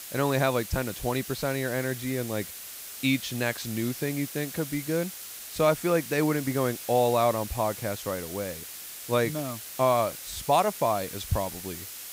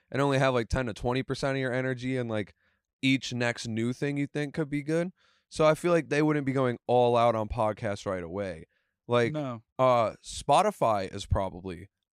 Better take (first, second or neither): second